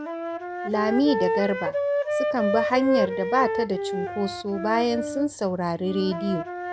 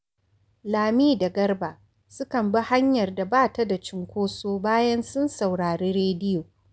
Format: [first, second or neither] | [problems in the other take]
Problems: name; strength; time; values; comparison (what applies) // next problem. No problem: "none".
second | background sound (Wind instrument, woodwind instrument); 2 dB below the speech